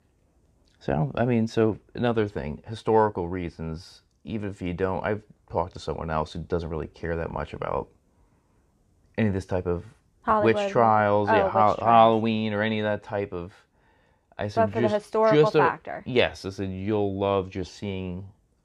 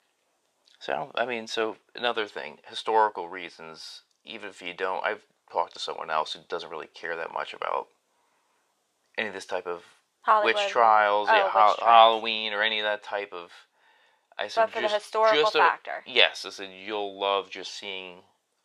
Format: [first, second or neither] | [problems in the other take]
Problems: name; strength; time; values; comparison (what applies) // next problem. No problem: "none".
first | thin; very; fading below 750 Hz